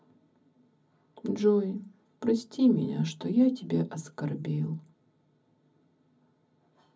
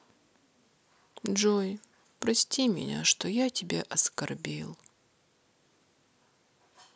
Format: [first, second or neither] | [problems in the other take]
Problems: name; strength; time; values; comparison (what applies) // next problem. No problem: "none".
second | room echo; dies away in 0.4 s